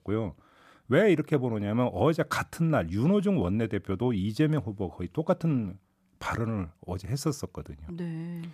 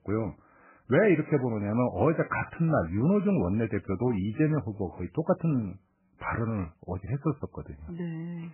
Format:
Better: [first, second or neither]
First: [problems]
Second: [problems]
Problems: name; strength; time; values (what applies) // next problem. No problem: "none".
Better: first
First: none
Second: garbled, watery; badly; nothing above 2.5 kHz